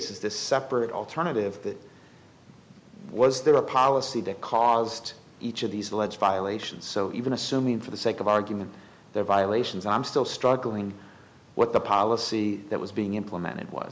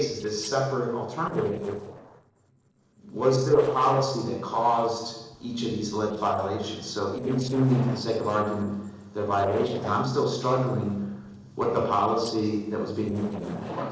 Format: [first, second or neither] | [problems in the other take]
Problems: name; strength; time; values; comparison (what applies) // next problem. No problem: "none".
first | noise reduction (neural separator model SepFormer DNS4)